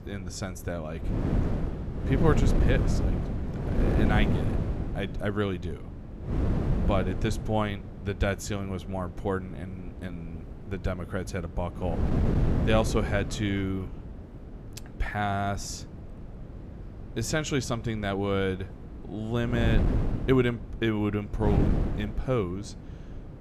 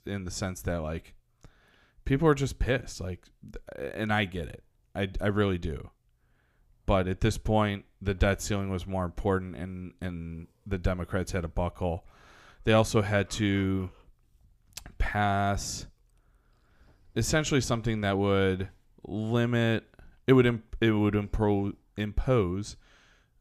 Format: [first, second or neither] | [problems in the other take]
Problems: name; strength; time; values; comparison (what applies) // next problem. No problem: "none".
second | wind noise on the microphone; heavy; 6 dB below the speech